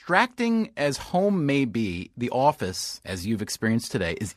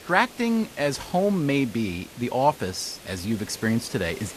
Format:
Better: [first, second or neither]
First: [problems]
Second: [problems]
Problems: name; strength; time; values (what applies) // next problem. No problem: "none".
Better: first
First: none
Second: hiss; noticeable; throughout; 20 dB below the speech